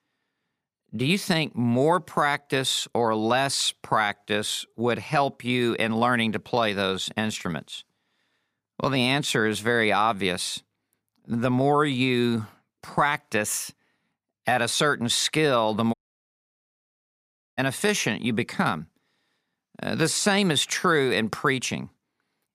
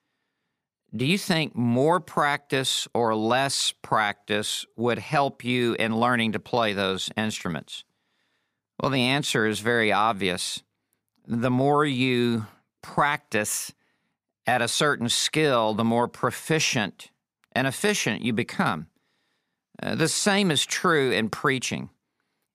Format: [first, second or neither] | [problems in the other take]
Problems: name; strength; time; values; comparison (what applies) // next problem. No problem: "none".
second | audio cutting out; at 16 s for 1.5 s